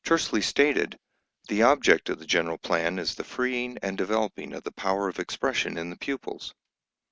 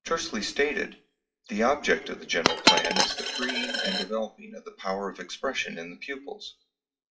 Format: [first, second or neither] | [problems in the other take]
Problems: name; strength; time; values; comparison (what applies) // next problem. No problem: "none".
first | noise reduction (classical method WPE with log-MMSE)